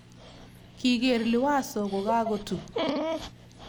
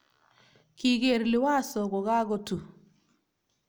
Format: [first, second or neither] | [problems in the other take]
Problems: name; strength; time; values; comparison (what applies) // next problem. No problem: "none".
second | background sound (Dog); 7 dB below the speech